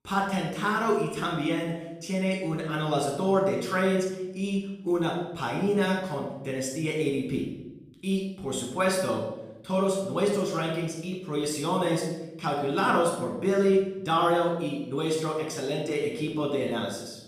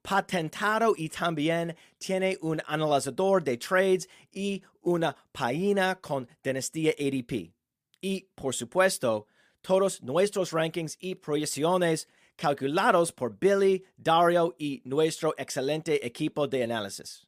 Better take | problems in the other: second | off-mic speech; somewhat distant // room echo; noticeable; dies away in 0.8 s

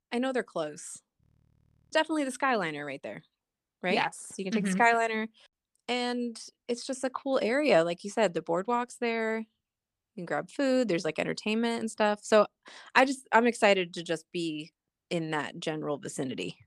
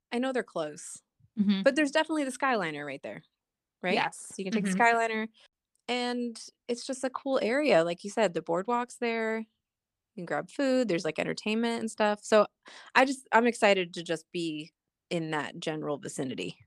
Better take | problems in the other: second | audio freezing; at 1 s for 0.5 s

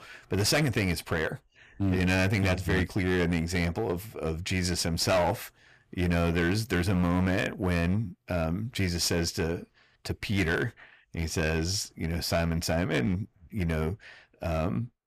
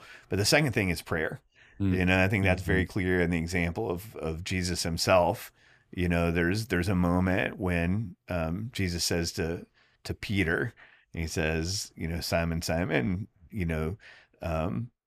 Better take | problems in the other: second | distortion; slight; 8% of the sound clipped

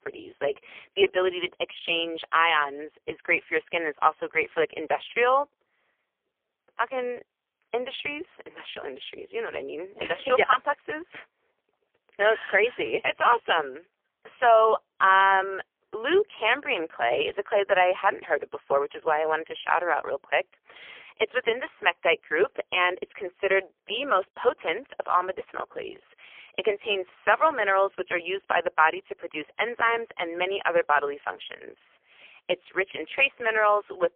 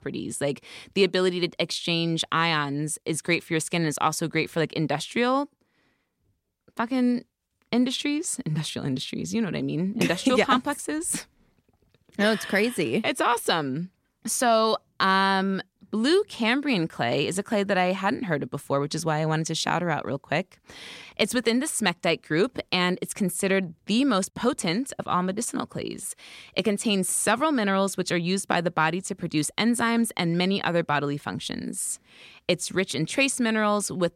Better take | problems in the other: second | phone-call audio; poor line; nothing above 3 kHz

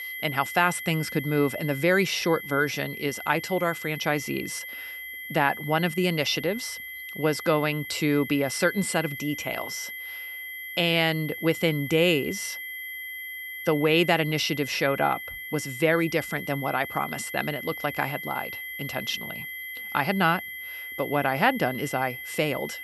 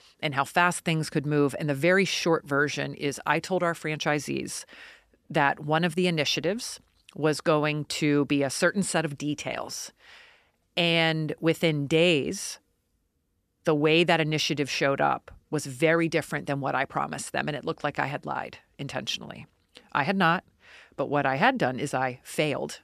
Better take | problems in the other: second | high-pitched whine; loud; throughout; 2 kHz, 9 dB below the speech

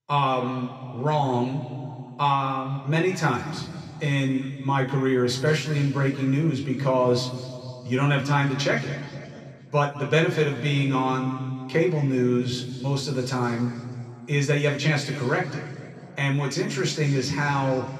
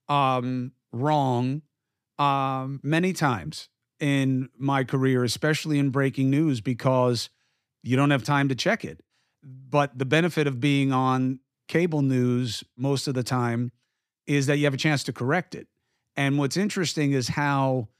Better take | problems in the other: second | room echo; noticeable; dies away in 2.3 s // off-mic speech; somewhat distant

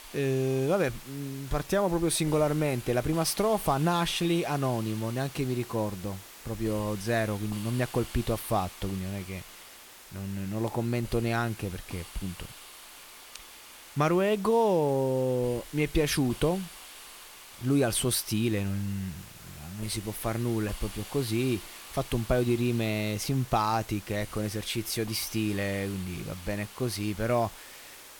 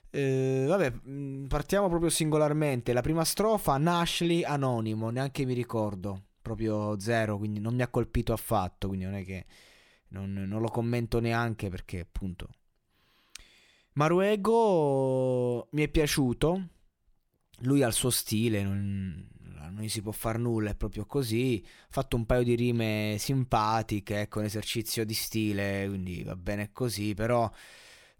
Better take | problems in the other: second | hiss; noticeable; throughout; 15 dB below the speech

